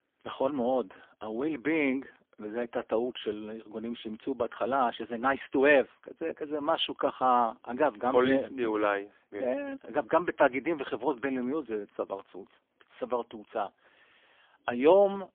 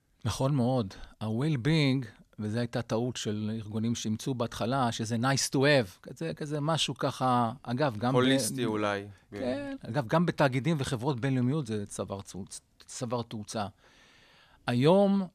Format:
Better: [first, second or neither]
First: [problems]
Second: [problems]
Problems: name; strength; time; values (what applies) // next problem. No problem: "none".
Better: second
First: phone-call audio; poor line; nothing above 3.5 kHz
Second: none